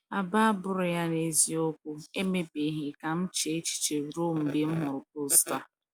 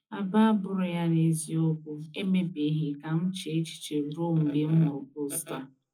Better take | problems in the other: first | room echo; dies away in 0.4 s

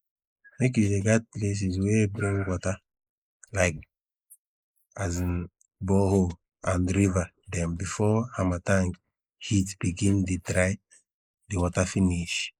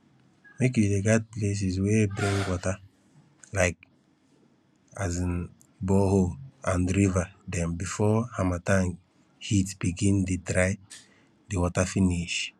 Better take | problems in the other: second | noise reduction (neural mask model Resemble Enhance denoiser)

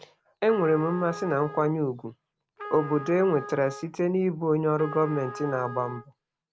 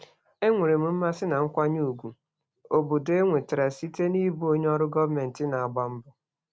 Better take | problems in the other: second | background sound (Trumpet); 14 dB below the speech

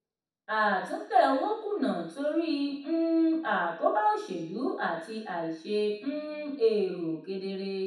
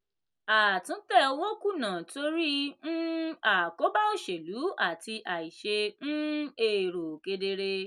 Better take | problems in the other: second | room echo; dies away in 0.7 s

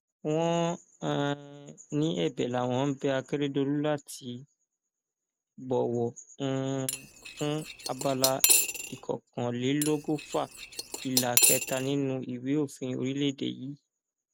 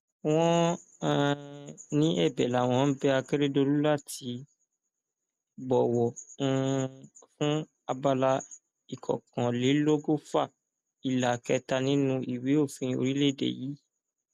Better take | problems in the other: second | background sound (Cutlery, silverware / Dishes, pots, and pans); 1 dB above the speech

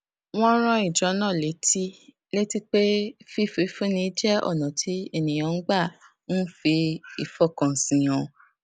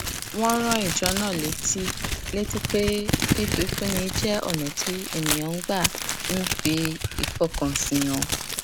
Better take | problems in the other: first | background sound (Crumpling, crinkling); 1 dB below the speech

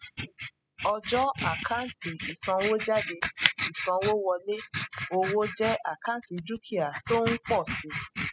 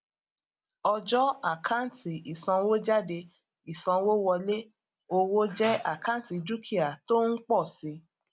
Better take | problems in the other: second | noise reduction (classical method spectral subtraction)

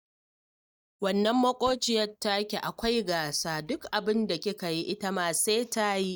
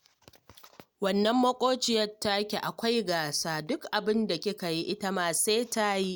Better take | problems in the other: second | noise reduction (neural mask model DeepFilterNet 3)

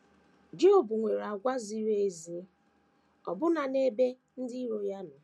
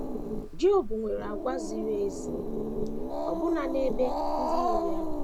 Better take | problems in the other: first | background sound (Growling); 1 dB above the speech

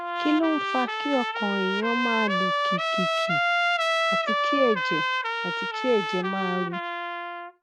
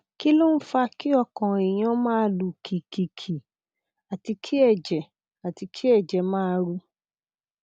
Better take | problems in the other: second | background sound (Trumpet); 2 dB above the speech

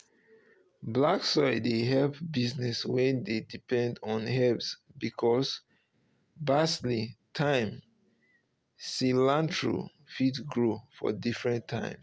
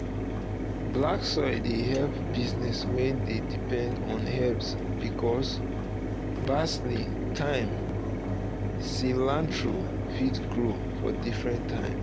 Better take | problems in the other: first | background sound (Mechanisms); 1 dB above the speech

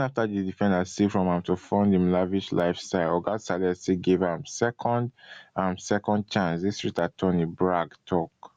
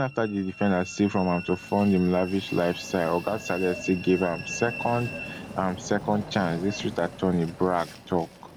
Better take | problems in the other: first | background sound (Train); 13 dB below the speech

